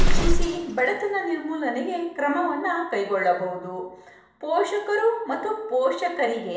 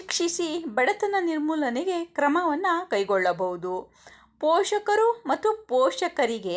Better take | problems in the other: second | background sound (Explosion); 1 dB below the speech // room echo; dies away in 0.8 s

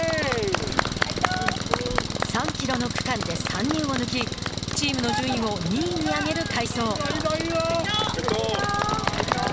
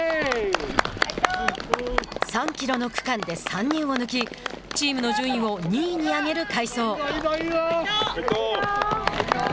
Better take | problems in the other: second | background sound (Engine); 4 dB below the speech

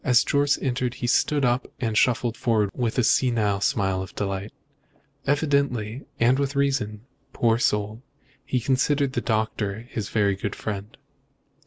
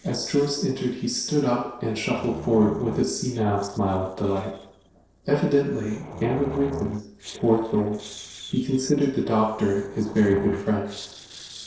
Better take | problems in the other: first | noise reduction (neural separator model SepFormer DNS4)

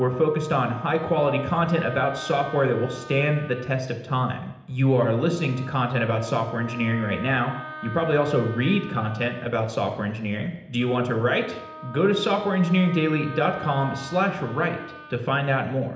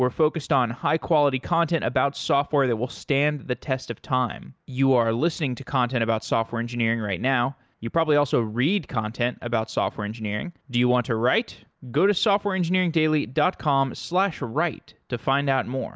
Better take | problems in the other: second | background sound (Wind instrument, woodwind instrument); 16 dB below the speech // room echo; dies away in 0.8 s

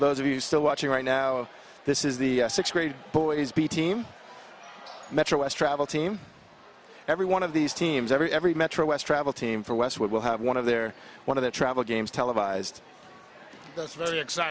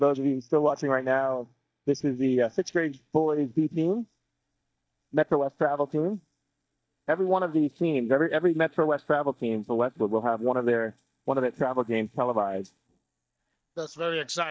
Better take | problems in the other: first | noise reduction (neural mask model DeepFilterNet 3)

